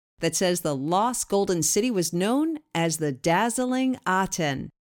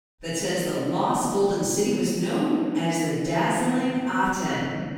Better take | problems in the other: first | room echo; strong; dies away in 2.1 s // off-mic speech; far

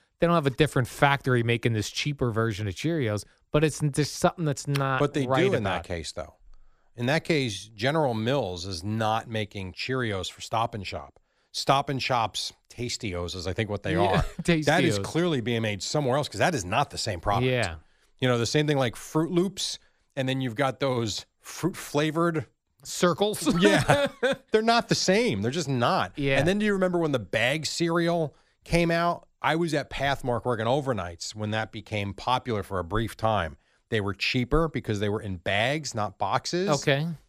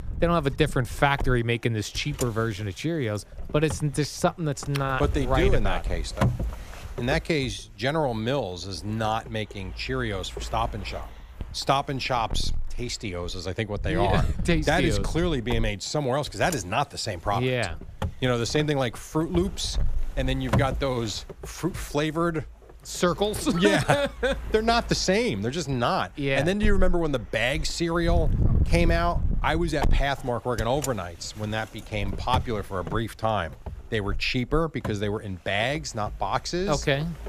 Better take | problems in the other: first | wind noise on the microphone; occasional gusts; 15 dB below the speech

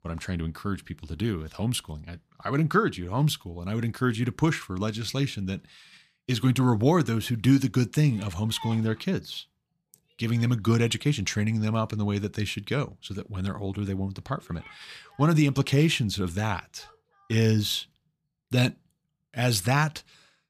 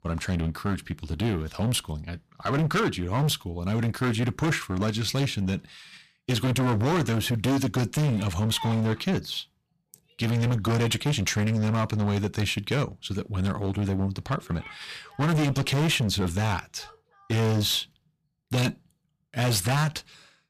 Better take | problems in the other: first | distortion; heavy; 17% of the sound clipped

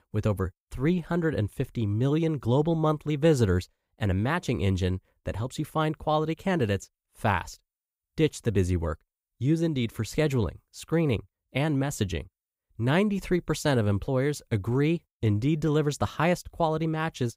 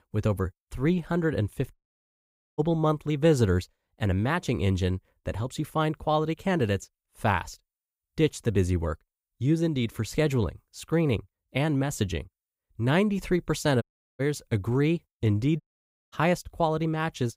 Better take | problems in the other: first | audio cutting out; at 1.5 s for 1 s, at 14 s and at 16 s for 0.5 s

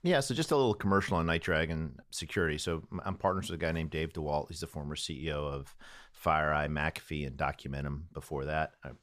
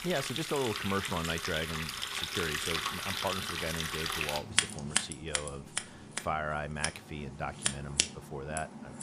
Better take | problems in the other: first | household noises; very loud; throughout; 3 dB above the speech

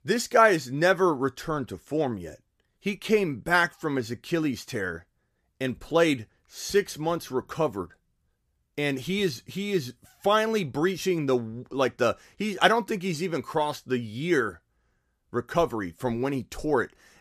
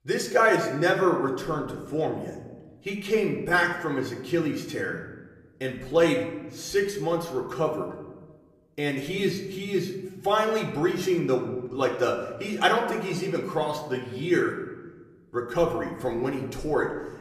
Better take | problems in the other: first | room echo; slight; dies away in 0.9 s // off-mic speech; far

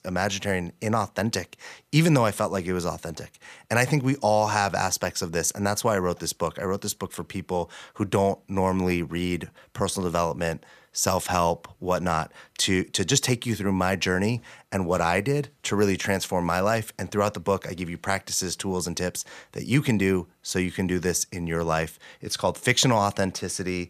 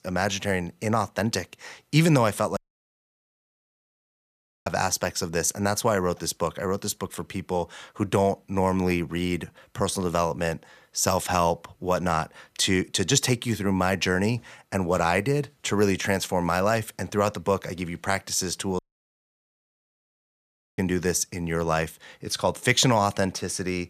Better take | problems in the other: first | audio cutting out; at 2.5 s for 2 s and at 19 s for 2 s

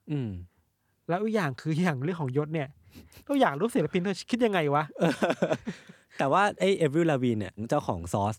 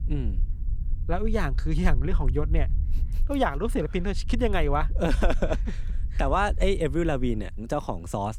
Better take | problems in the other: first | low rumble; faint; throughout; 20 dB below the speech

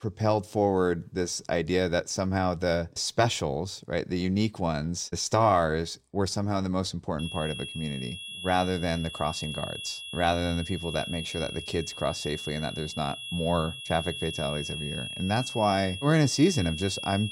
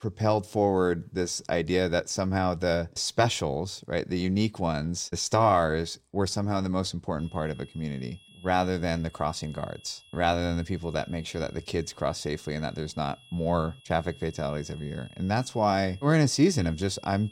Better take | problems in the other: second | high-pitched whine; loud; from 7 s on; 3.5 kHz, 8 dB below the speech; faint in the second

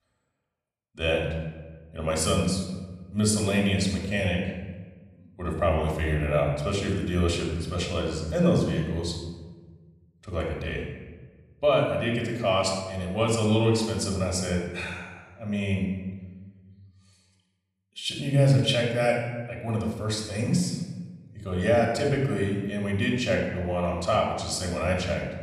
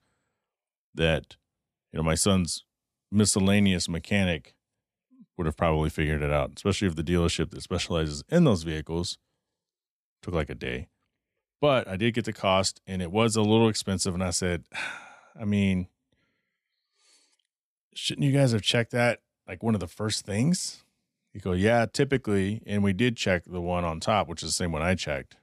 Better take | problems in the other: second | off-mic speech; far // room echo; noticeable; dies away in 1 s

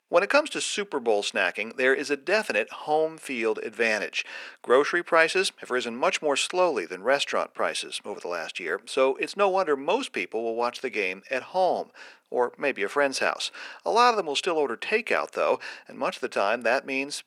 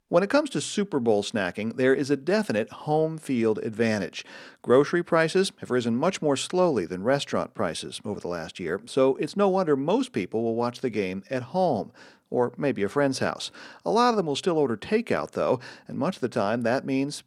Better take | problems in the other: second | thin; somewhat; fading below 500 Hz

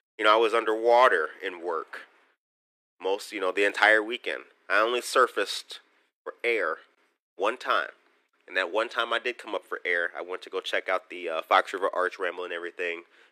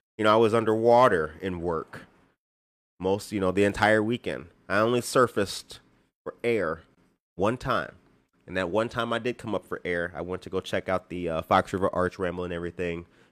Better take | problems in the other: second | thin; very; fading below 350 Hz

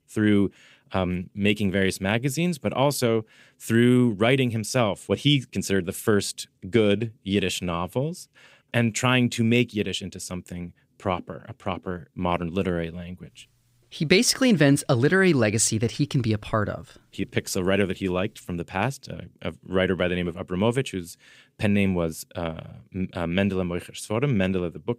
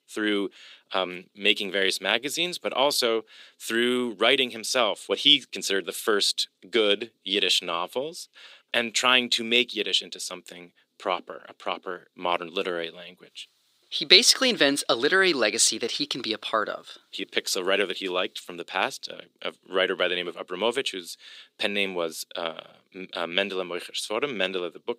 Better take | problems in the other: first | thin; somewhat; fading below 350 Hz

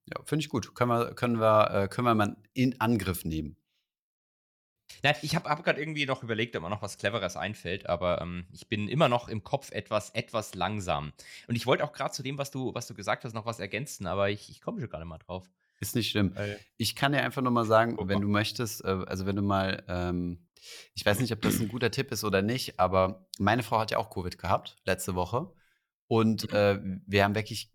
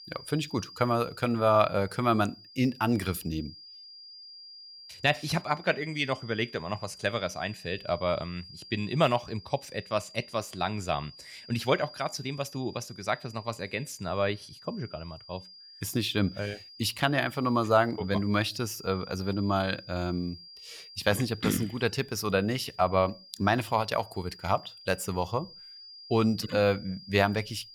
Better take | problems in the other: first | high-pitched whine; noticeable; throughout; 5 kHz, 20 dB below the speech

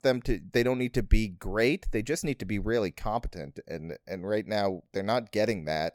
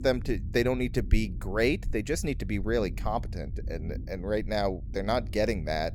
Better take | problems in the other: first | low rumble; faint; throughout; 20 dB below the speech

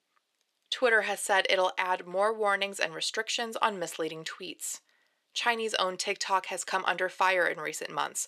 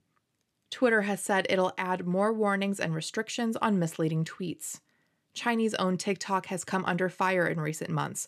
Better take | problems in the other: second | thin; very; fading below 600 Hz

